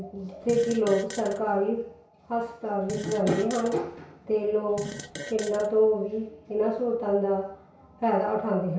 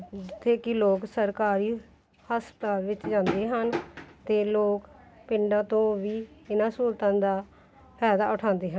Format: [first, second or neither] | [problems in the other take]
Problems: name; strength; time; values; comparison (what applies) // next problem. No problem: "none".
second | background sound (Fart); 13 dB below the speech // room echo; dies away in 0.6 s